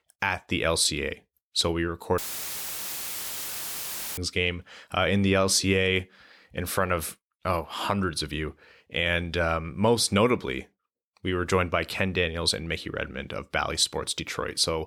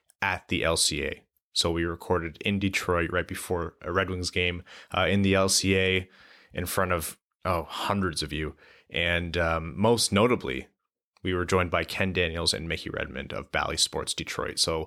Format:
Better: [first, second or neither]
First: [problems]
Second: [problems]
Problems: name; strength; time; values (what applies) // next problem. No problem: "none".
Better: second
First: audio cutting out; filled with static; at 2 s for 2 s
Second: none